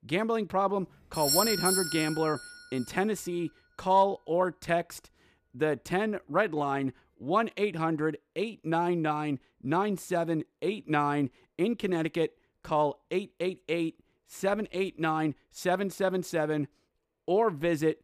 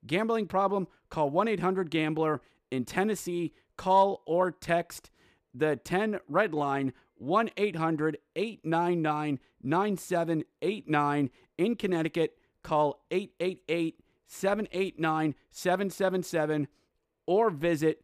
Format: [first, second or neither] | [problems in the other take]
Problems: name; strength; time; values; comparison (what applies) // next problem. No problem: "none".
second | doorbell; loud; from 1 to 2.5 s; peak 5 dB above the speech